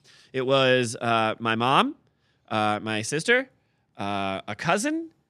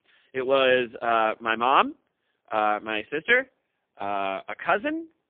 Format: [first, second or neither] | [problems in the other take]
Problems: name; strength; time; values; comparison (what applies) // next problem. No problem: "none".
first | phone-call audio; poor line; nothing above 3.5 kHz